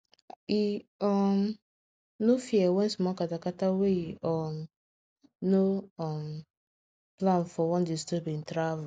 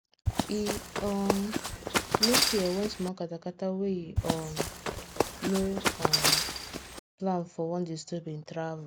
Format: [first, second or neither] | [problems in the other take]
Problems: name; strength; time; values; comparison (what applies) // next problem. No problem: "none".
first | background sound (Run); 3 dB above the speech